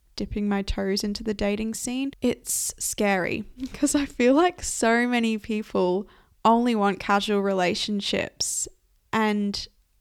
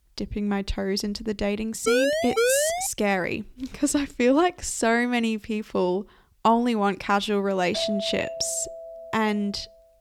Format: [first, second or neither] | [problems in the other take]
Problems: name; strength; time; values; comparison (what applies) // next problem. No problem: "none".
first | siren; loud; at 2 s; peak 3 dB above the speech // doorbell; noticeable; from 7.5 to 9.5 s; peak 5 dB below the speech